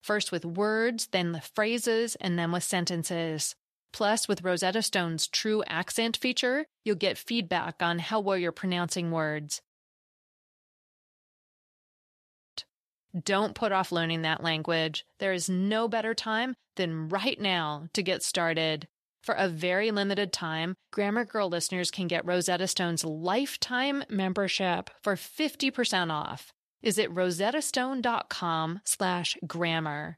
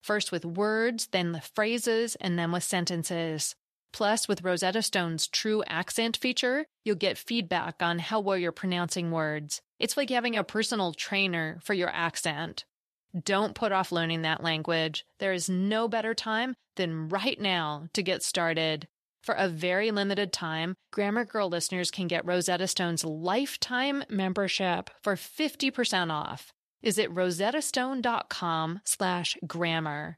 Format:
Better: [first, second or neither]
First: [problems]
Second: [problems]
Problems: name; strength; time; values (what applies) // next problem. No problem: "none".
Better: second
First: audio cutting out; at 9.5 s for 3 s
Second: none